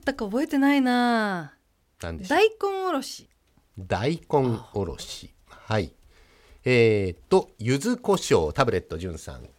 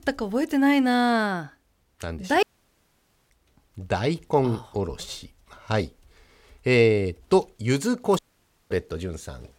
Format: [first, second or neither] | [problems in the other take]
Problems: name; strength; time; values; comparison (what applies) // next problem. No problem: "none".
first | audio cutting out; at 2.5 s for 1 s and at 8 s for 0.5 s